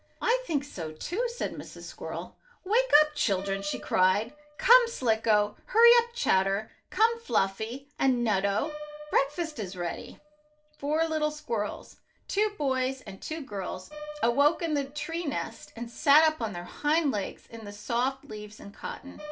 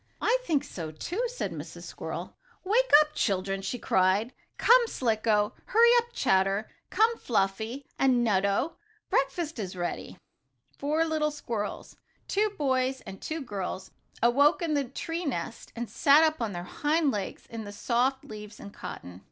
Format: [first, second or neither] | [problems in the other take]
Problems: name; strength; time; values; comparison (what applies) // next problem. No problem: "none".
second | background sound (Piano); 20 dB below the speech // room echo; dies away in 0.2 s